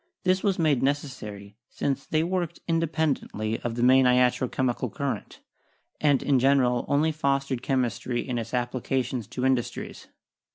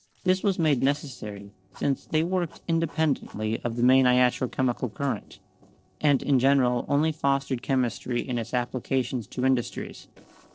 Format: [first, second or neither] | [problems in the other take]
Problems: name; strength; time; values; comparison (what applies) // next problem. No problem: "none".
first | noise reduction (neural separator model SepFormer DNS4)